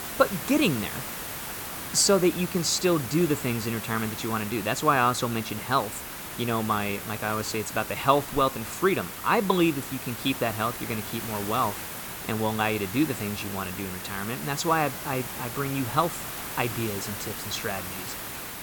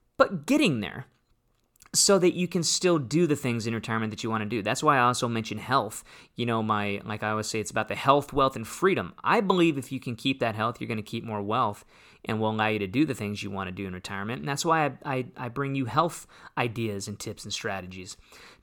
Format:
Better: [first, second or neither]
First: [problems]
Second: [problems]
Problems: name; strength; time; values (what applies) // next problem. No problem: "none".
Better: second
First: hiss; loud; throughout; 7 dB below the speech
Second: none